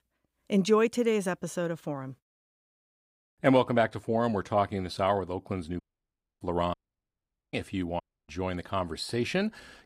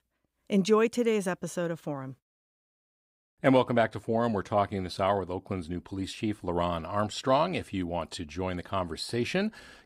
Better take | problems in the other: second | audio cutting out; at 6 s for 0.5 s, at 6.5 s for 1 s and at 8 s

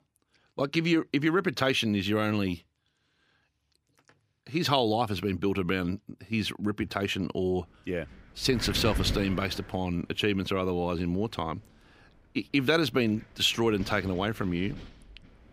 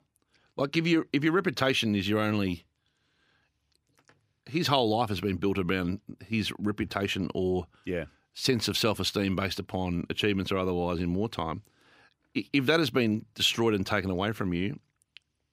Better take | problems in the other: second | wind noise on the microphone; occasional gusts; from 7.5 s on; 15 dB below the speech

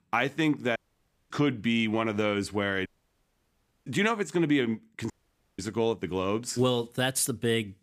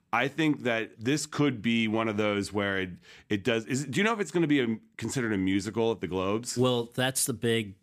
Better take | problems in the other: second | audio cutting out; at 1 s for 0.5 s, at 3 s for 1 s and at 5 s

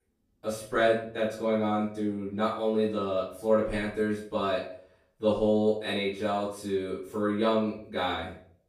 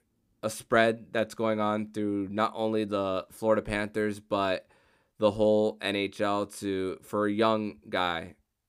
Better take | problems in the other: second | room echo; noticeable; dies away in 0.4 s // off-mic speech; far

